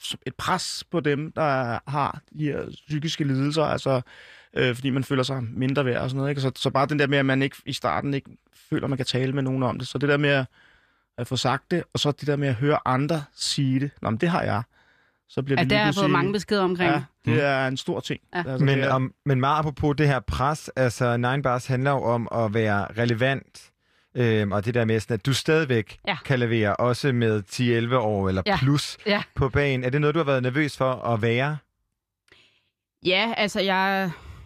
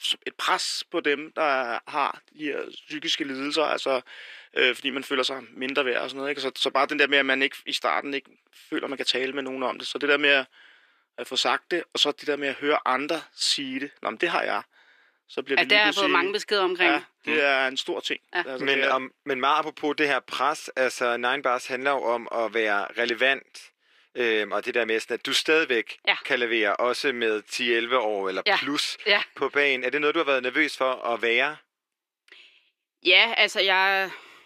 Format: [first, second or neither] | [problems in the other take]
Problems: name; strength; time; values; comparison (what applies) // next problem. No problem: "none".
first | thin; somewhat; fading below 350 Hz